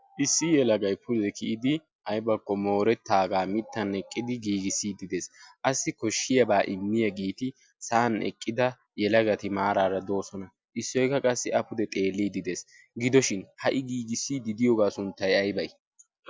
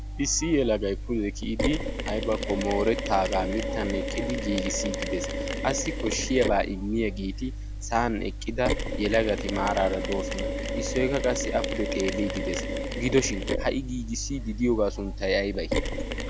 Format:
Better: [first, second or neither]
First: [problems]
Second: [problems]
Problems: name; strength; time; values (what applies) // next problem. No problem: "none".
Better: first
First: none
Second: background sound (Mechanisms); 3 dB below the speech